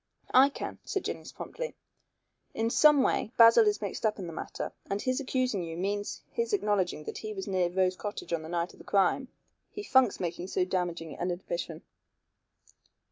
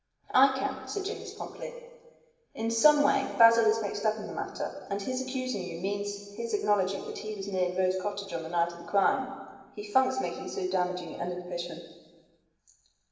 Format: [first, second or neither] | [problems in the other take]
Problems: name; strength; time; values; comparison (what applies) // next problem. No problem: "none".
first | room echo; dies away in 1.4 s